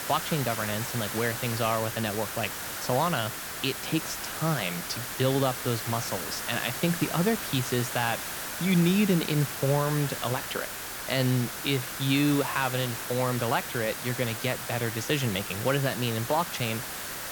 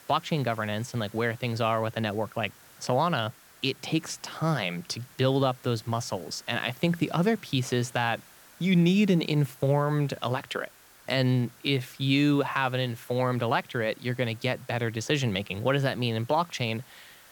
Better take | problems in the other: second | hiss; loud; throughout; 5 dB below the speech; faint in the second

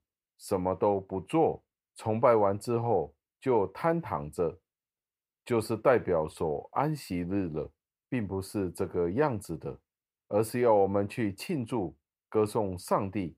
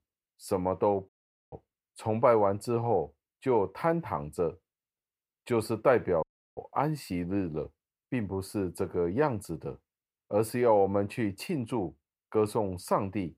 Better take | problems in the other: first | audio cutting out; at 1 s and at 6 s

